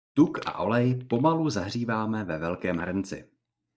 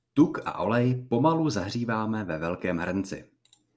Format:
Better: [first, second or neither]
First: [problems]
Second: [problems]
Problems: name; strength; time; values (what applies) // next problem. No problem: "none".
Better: second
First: noise reduction (neural mask model DeepFilterNet 3)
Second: none